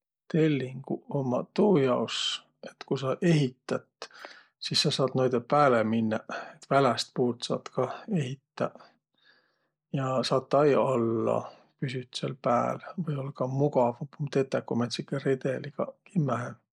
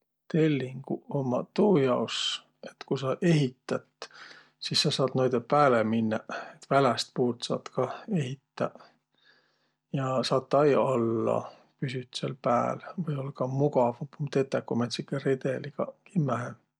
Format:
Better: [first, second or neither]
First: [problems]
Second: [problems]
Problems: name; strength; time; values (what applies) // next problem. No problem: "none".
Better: second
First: noise reduction (neural mask model Resemble Enhance denoiser)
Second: none